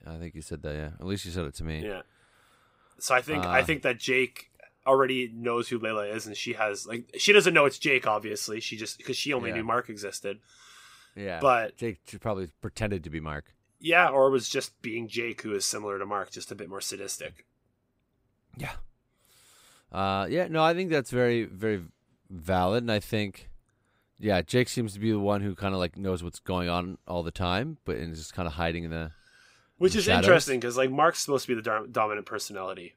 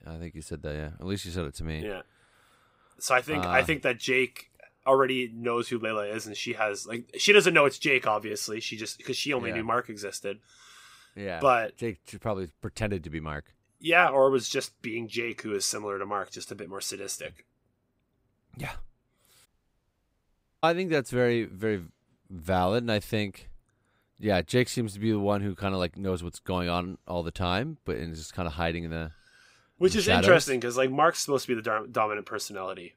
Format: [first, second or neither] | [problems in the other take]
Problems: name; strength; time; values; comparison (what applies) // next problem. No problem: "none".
first | audio cutting out; at 19 s for 1 s